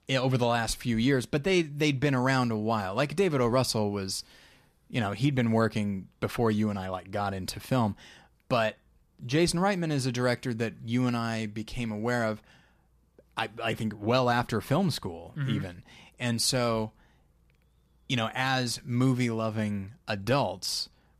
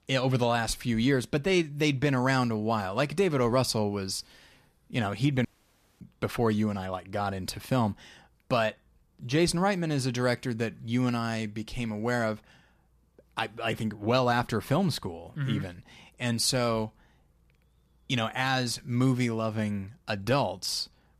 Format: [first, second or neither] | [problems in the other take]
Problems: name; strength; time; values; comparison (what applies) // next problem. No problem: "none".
first | audio cutting out; at 5.5 s for 0.5 s